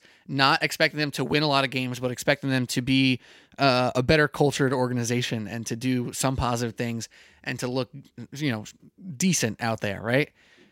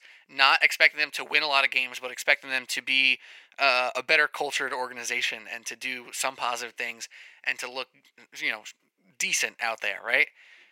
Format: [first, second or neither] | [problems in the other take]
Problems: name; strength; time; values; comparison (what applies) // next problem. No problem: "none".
first | thin; very; fading below 800 Hz